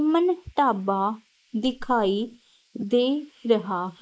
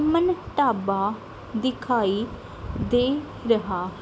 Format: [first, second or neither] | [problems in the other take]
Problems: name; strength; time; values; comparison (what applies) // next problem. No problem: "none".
second | noise reduction (neural mask model Resemble Enhance denoiser)